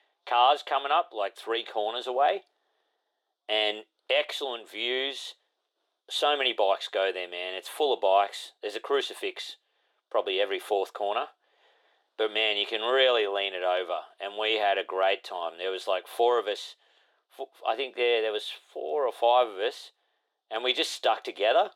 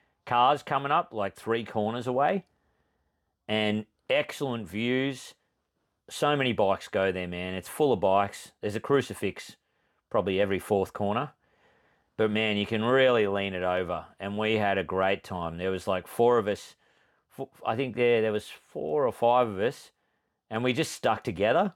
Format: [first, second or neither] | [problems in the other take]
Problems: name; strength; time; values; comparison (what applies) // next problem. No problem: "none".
second | thin; very; fading below 350 Hz